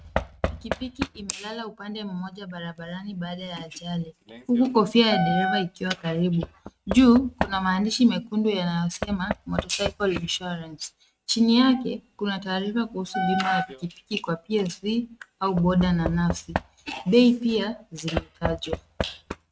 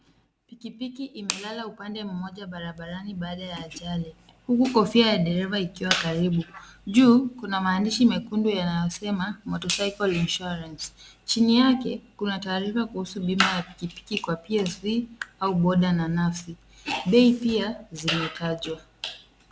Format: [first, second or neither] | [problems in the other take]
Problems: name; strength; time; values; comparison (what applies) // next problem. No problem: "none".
second | noise reduction (neural mask model RNNoise)